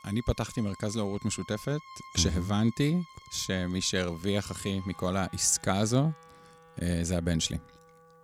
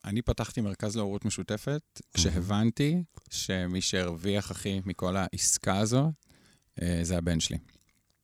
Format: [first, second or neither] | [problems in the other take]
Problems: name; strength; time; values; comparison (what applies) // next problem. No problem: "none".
second | background music; faint; throughout; 20 dB below the speech